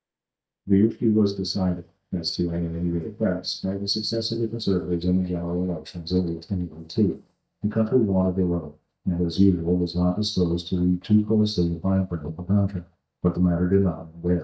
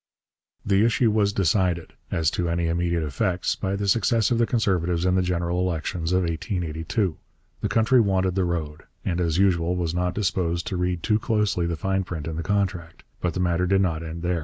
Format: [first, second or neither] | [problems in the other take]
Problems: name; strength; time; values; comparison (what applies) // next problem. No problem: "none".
second | noise reduction (neural mask model DeepFilterNet 3)